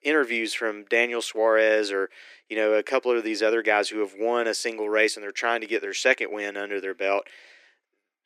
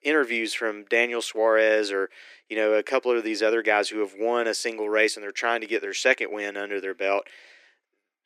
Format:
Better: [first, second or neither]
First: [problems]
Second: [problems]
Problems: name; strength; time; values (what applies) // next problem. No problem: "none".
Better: neither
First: thin; very; fading below 300 Hz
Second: thin; very; fading below 300 Hz